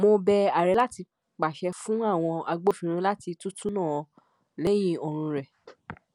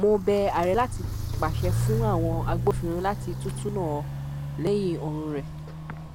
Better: first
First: none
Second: background sound (Walk, footsteps); 2 dB below the speech

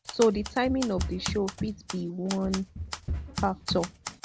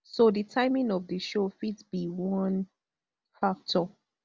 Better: second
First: background sound (Typewriter + Run); 7 dB below the speech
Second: none

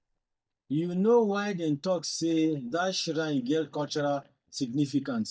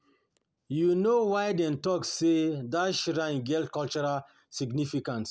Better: second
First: noise reduction (neural mask model DeepFilterNet 3)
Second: none

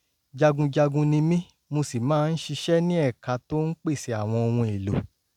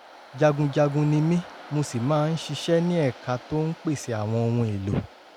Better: first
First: none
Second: background sound (Waves, surf); 19 dB below the speech

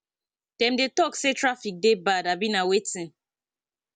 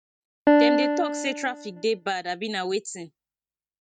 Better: first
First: none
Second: noise reduction (neural mask model RNNoise)

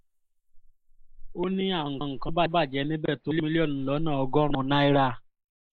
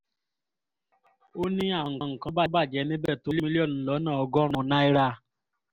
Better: second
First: noise reduction (neural mask model Resemble Enhance denoiser)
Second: none

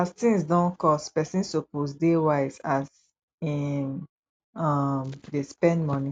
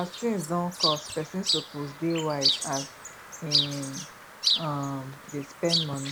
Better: first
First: none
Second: background sound (Chirp, tweet); 1 dB above the speech

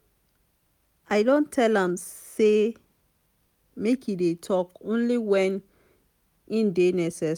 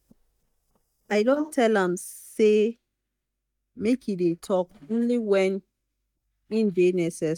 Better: first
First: none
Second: noise reduction (neural mask model DeepFilterNet 3)

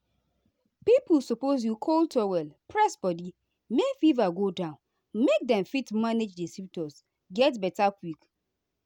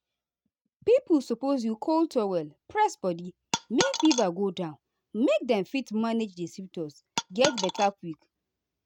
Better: first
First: none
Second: noise reduction (neural mask model RNNoise)

